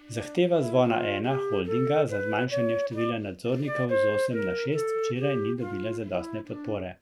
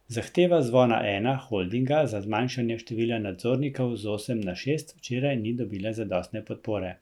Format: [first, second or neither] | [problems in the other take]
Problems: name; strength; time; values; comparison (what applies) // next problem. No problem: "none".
second | background sound (Wind instrument, woodwind instrument); 2 dB below the speech